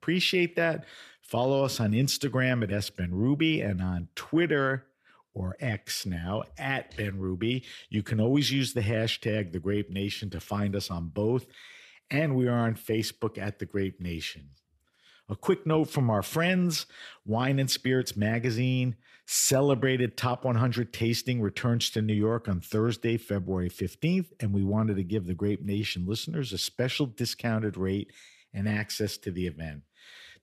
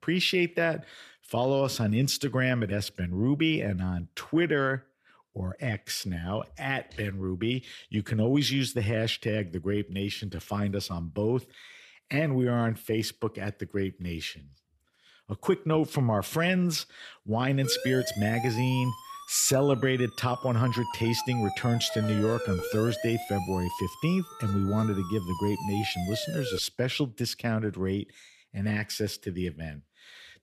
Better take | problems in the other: first | siren; noticeable; from 18 to 27 s; peak 5 dB below the speech

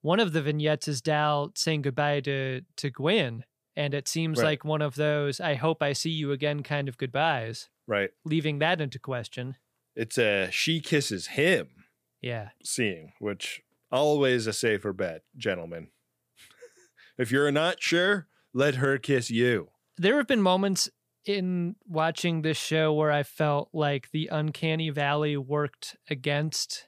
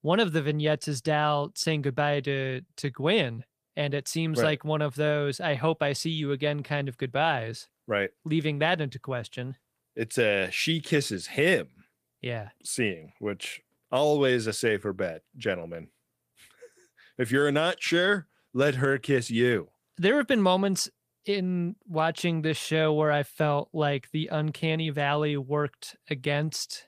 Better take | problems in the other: first | garbled, watery; slightly; nothing above 15 kHz

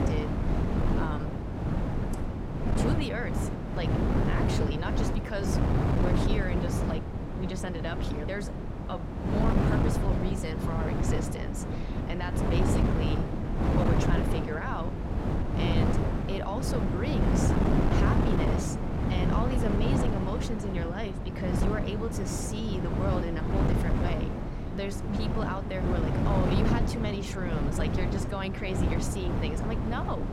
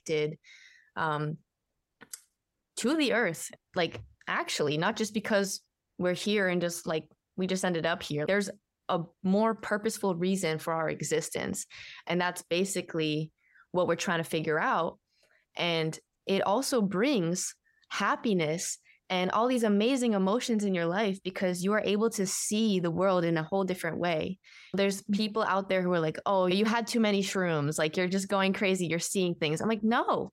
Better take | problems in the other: second | wind noise on the microphone; heavy; 2 dB above the speech

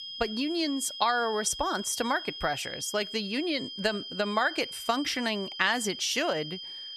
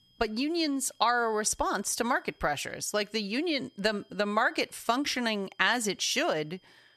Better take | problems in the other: second | high-pitched whine; loud; throughout; 3 kHz, 9 dB below the speech; faint in the second

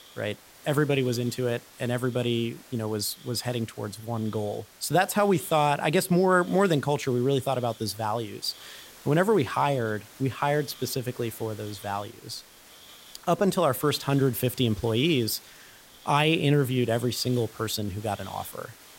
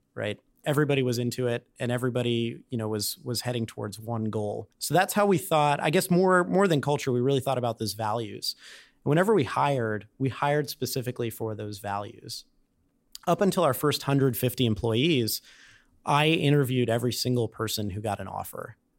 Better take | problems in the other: second | hiss; faint; throughout; 20 dB below the speech

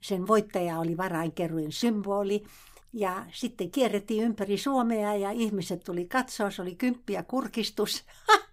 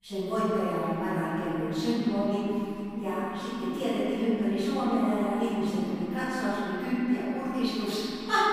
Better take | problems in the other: first | off-mic speech; far // room echo; strong; dies away in 3 s

